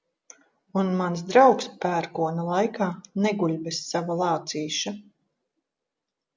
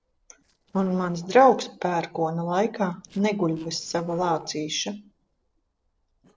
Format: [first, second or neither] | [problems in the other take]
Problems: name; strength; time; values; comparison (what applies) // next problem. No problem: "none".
first | noise reduction (neural separator model SepFormer DNS4)